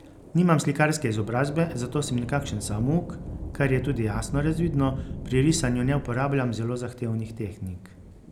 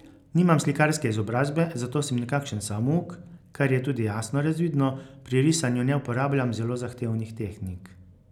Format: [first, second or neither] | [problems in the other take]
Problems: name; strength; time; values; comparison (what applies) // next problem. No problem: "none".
second | background sound (Thunder / Rain); 11 dB below the speech